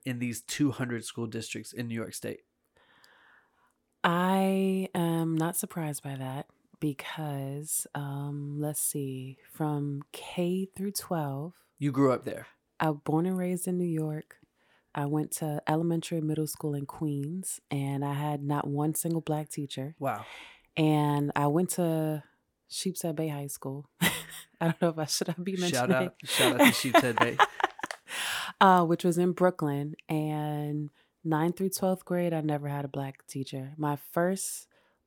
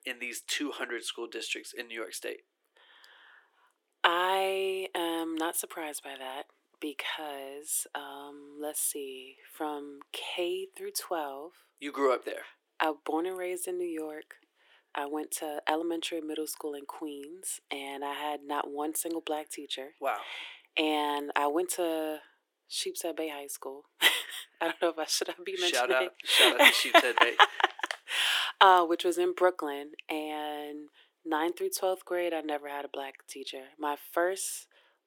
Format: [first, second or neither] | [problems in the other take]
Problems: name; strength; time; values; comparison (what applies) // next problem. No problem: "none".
first | thin; very; fading below 350 Hz